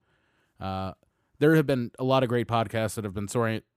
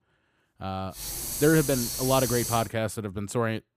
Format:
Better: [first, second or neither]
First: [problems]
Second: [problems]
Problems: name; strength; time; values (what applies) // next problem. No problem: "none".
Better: first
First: none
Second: hiss; loud; from 1 to 2.5 s; 4 dB below the speech